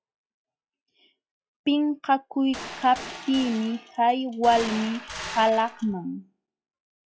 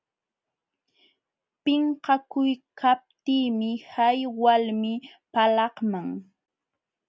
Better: second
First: noise reduction (classical method log-MMSE)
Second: none

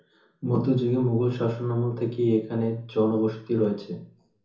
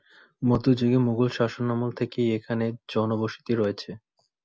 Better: second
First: room echo; dies away in 0.6 s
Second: none

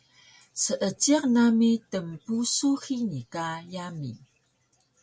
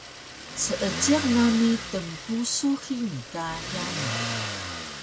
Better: first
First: none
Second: background sound (Motor vehicle (road)); 6 dB below the speech

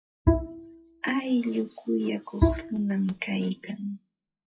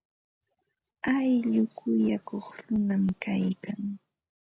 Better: second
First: noise reduction (classical method WPE with log-MMSE)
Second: none

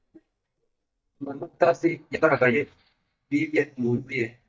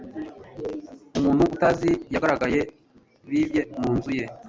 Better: second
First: noise reduction (neural mask model DeepFilterNet 3)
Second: none

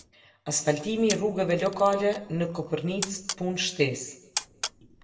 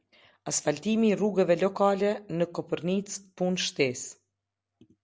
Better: second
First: background sound (Camera); 12 dB below the speech // room echo; dies away in 0.6 s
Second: none

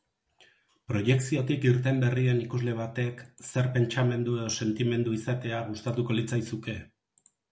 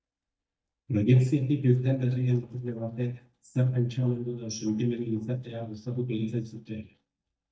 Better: first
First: none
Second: noise reduction (neural mask model DeepFilterNet 3)

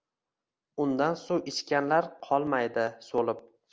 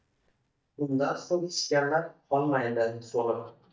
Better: first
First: none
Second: noise reduction (neural mask model DeepFilterNet 3)

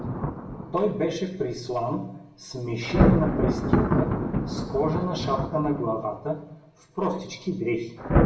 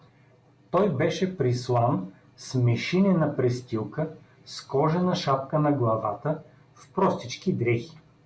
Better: second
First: background sound (Thunder); 1 dB above the speech // room echo; dies away in 0.8 s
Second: none

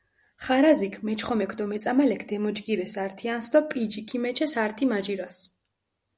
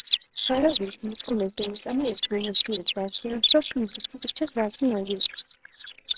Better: first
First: none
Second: noise reduction (neural separator model SepFormer WHAMR!)

